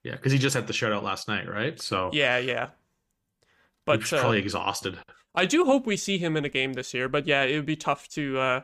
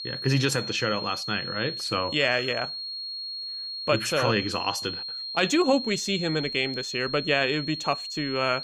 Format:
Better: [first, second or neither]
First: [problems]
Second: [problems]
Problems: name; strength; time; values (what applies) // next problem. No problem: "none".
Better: first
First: none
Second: high-pitched whine; loud; throughout; 4.5 kHz, 6 dB below the speech